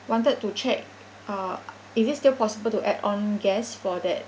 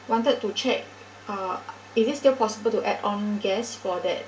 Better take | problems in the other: first | room echo; dies away in 0.2 s

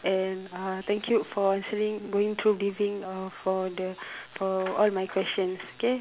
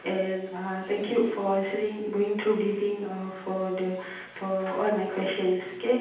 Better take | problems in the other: first | room echo; dies away in 0.9 s

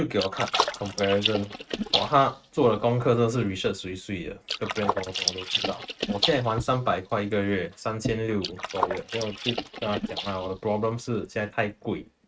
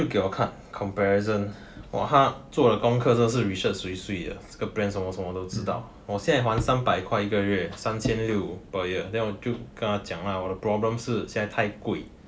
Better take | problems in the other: second | noise reduction (neural mask model RNNoise)

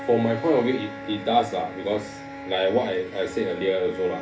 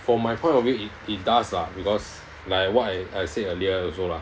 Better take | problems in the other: second | background sound (Bowed string instrument); 13 dB below the speech // room echo; dies away in 0.3 s

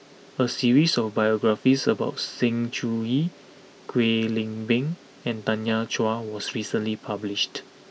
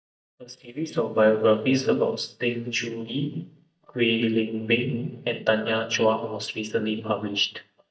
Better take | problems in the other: first | noise reduction (neural mask model DeepFilterNet 3)

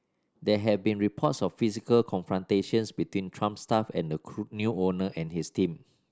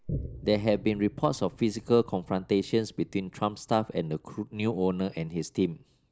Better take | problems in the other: first | background sound (Boom); 16 dB below the speech

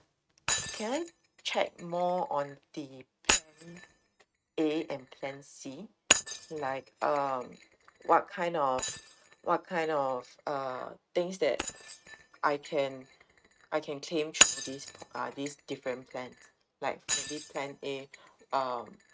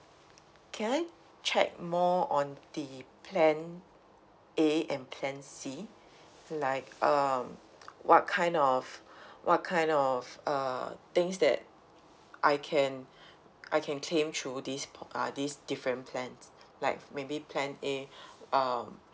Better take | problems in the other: second | noise reduction (neural mask model RNNoise)

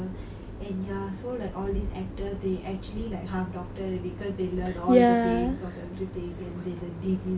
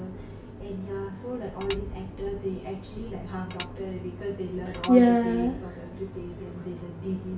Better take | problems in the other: first | background sound (Tap / Dishes, pots, and pans); 13 dB below the speech // room echo; dies away in 0.7 s

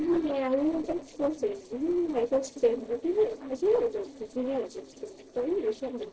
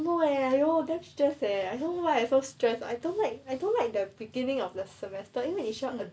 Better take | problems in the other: second | noise reduction (neural separator model SepFormer DNS4)

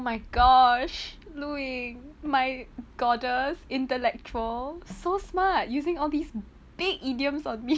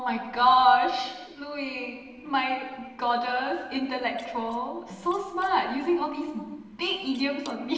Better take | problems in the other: first | noise reduction (neural separator model SepFormer DNS4)

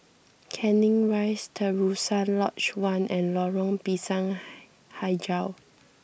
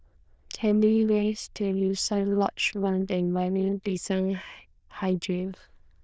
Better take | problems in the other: first | noise reduction (neural diffusion model UNIVERSE++)

